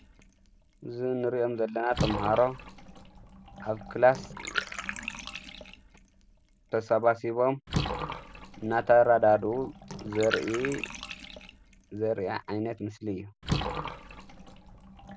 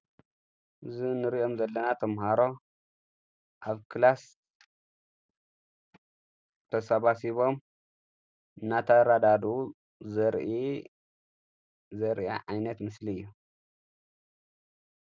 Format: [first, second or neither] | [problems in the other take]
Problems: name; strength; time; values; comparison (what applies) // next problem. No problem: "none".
second | background sound (Bathtub (filling or washing) / Water); 9 dB below the speech